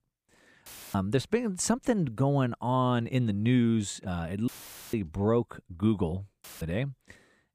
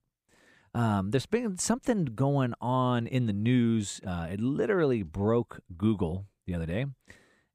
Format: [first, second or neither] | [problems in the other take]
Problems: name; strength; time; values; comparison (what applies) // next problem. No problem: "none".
second | audio cutting out; filled with static; at 0.5 s, at 4.5 s and at 6.5 s